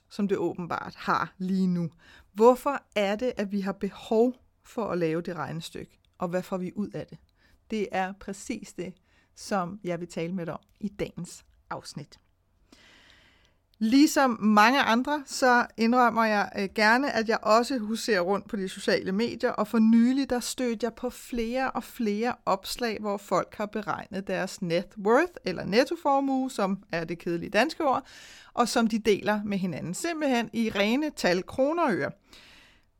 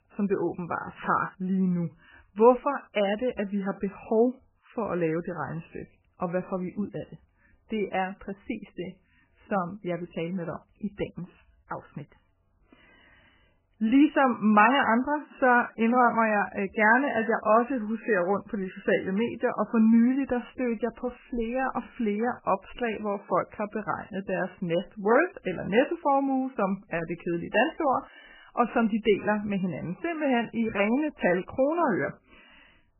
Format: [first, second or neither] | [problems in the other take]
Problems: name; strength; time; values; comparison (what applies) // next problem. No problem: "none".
first | garbled, watery; badly; nothing above 3 kHz